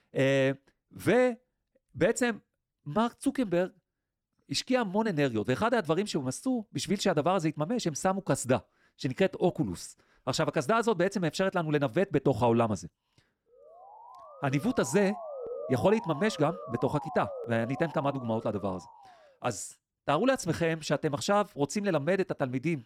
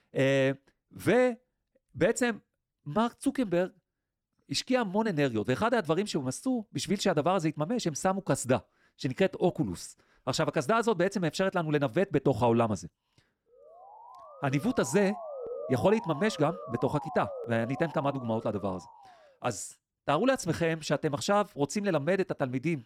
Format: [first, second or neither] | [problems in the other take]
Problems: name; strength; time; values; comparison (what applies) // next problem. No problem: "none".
neither | siren; noticeable; from 14 to 19 s; peak 9 dB below the speech; the same in both